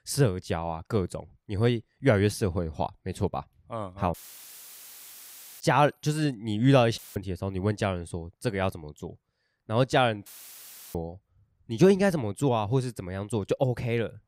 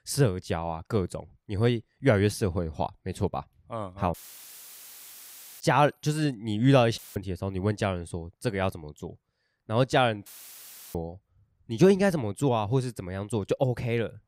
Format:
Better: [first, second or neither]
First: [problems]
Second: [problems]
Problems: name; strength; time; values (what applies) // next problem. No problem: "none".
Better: neither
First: audio cutting out; filled with static; at 4 s for 1.5 s, at 7 s and at 10 s for 0.5 s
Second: audio cutting out; filled with static; at 4 s for 1.5 s, at 7 s and at 10 s for 0.5 s